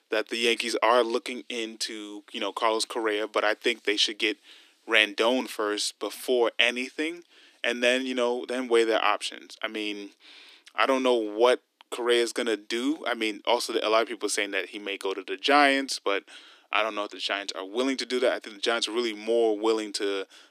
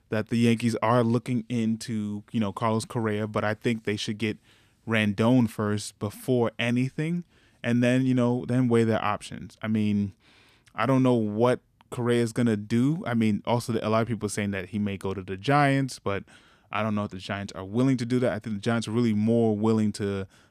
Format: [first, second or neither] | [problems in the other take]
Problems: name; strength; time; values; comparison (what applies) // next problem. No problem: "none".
second | thin; somewhat; fading below 300 Hz